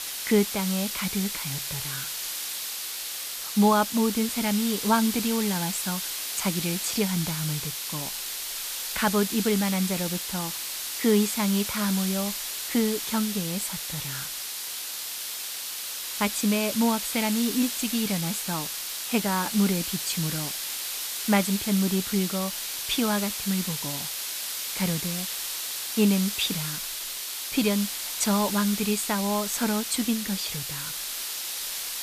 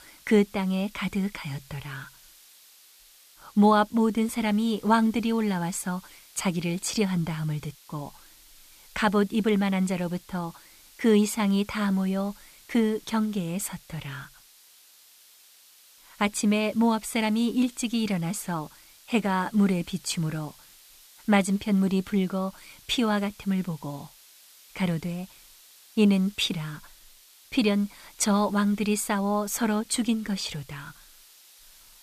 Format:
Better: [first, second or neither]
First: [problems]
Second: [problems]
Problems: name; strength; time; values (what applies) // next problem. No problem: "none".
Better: second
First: hiss; loud; throughout; 3 dB below the speech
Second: hiss; faint; throughout; 25 dB below the speech